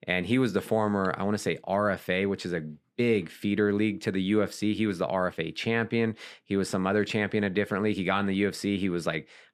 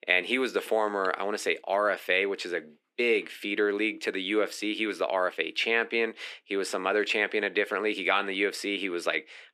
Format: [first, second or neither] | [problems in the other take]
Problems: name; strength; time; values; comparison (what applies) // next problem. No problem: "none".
first | thin; somewhat; fading below 300 Hz